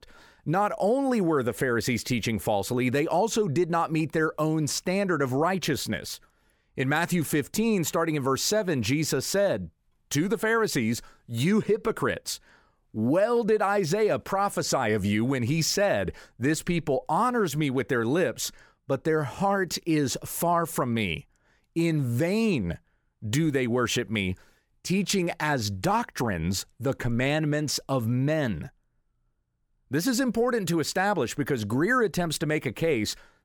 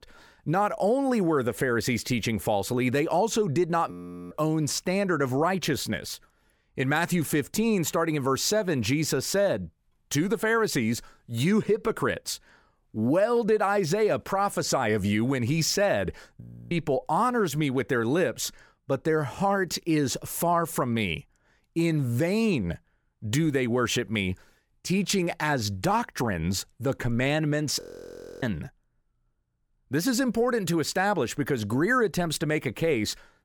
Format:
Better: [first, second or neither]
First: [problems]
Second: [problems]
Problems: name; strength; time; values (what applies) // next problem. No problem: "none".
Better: first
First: none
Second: audio freezing; at 4 s, at 16 s and at 28 s for 0.5 s